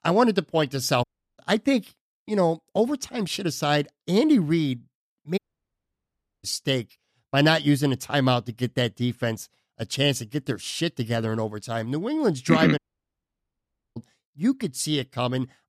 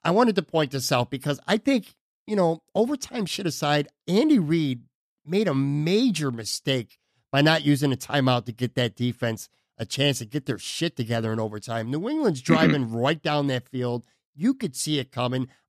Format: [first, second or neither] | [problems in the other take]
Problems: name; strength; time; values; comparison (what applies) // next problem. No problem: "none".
second | audio cutting out; at 1 s, at 5.5 s for 1 s and at 13 s for 1 s